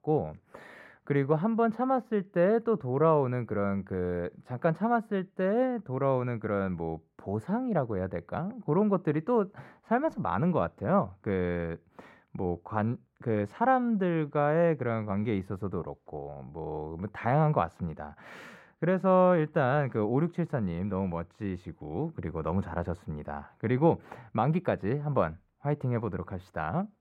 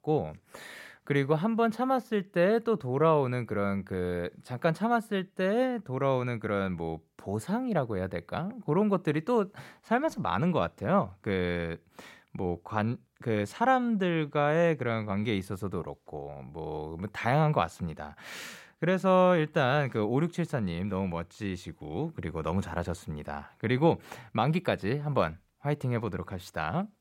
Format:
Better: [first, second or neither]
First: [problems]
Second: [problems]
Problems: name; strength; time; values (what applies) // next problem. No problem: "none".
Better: second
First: muffled; slightly; fading above 2.5 kHz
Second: none